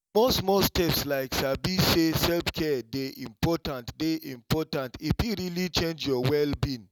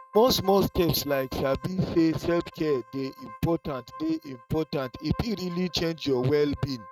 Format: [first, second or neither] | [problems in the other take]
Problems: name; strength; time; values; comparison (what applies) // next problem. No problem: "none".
first | noise reduction (neural mask model RNNoise)